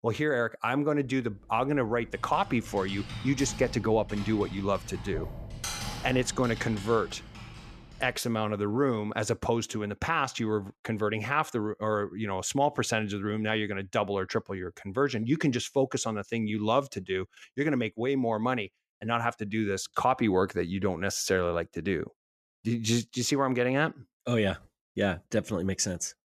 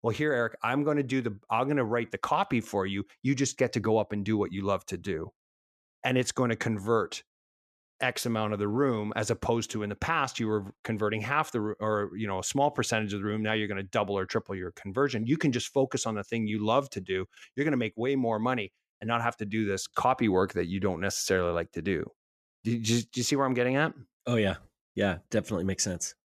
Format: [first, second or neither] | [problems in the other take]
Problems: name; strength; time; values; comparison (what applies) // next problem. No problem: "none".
second | keyboard typing; noticeable; from 1 to 8 s; peak 5 dB below the speech